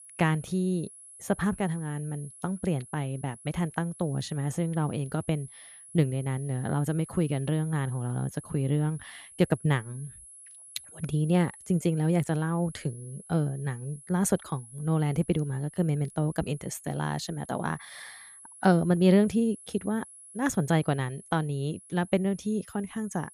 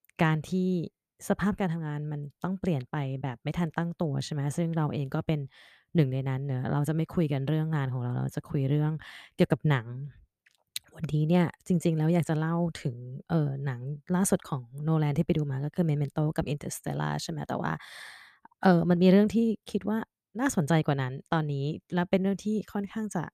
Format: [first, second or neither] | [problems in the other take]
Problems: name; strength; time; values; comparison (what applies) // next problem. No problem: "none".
second | high-pitched whine; noticeable; throughout; 10.5 kHz, 20 dB below the speech